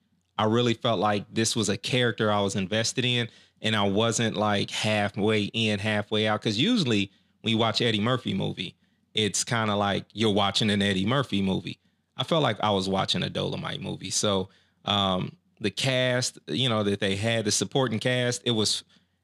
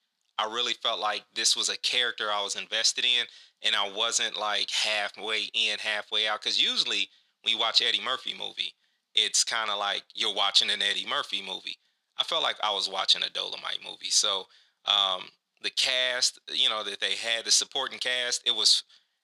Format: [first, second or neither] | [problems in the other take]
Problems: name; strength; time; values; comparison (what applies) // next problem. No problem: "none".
first | thin; very; fading below 850 Hz